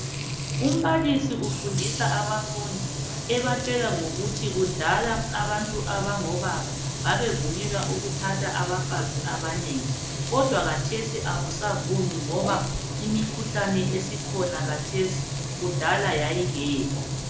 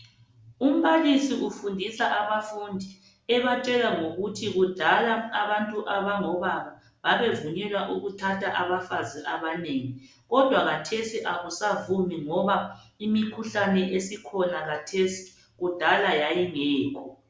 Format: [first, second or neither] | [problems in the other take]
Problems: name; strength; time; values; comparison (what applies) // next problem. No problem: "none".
second | background sound (Frying (food)); 1 dB below the speech